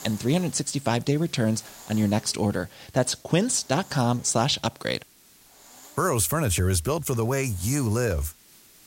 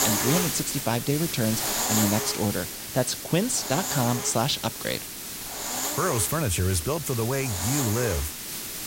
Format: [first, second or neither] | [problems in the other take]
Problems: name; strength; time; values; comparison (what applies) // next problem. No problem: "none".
first | hiss; loud; throughout; 2 dB below the speech; faint in the first